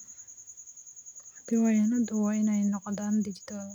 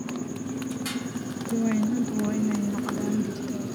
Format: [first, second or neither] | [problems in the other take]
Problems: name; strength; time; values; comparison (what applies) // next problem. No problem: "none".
first | background sound (Motorcycle); 1 dB below the speech